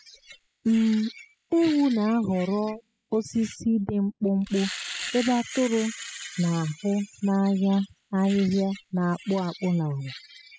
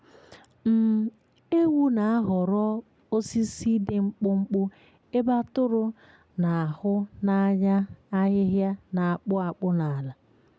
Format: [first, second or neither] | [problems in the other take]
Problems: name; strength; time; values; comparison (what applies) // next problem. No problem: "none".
second | noise reduction (classical method spectral subtraction)